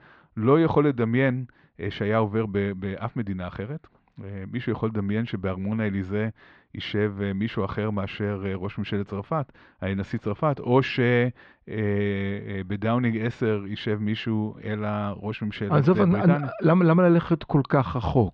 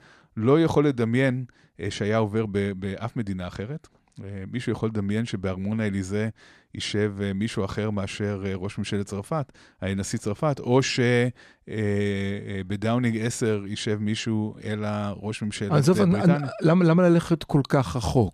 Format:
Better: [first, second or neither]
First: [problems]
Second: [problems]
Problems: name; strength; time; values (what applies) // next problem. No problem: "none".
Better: second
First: muffled; very; fading above 3.5 kHz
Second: none